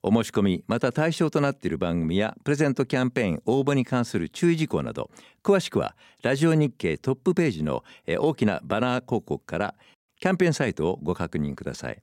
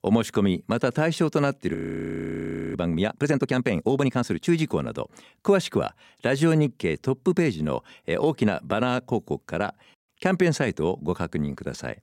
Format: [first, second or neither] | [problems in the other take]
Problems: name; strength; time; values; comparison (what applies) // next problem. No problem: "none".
first | audio freezing; at 1.5 s for 1 s